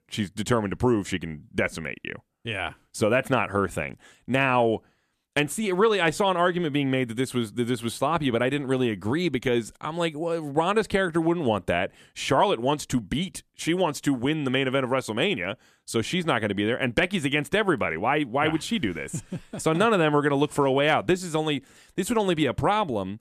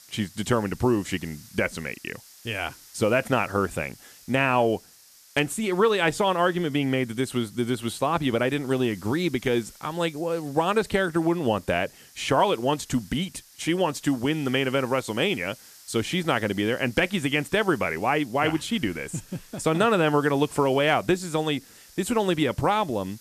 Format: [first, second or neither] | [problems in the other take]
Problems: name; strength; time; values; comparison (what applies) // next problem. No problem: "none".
first | hiss; faint; throughout; 25 dB below the speech